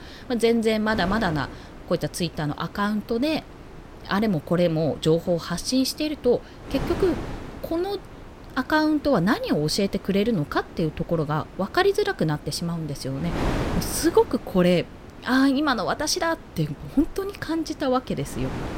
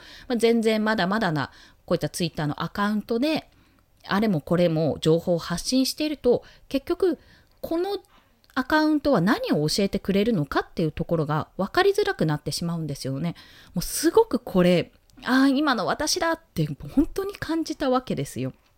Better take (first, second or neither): second